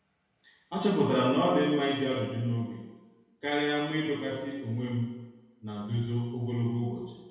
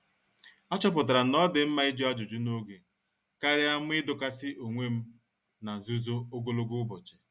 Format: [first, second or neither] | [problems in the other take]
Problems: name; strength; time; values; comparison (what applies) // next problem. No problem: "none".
second | room echo; dies away in 1.2 s